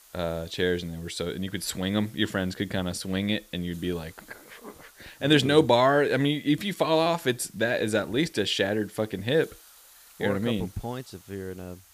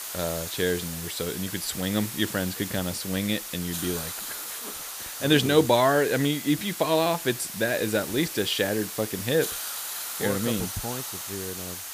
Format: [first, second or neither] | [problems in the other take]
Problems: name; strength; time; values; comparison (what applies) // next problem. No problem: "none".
first | hiss; loud; throughout; 7 dB below the speech; faint in the first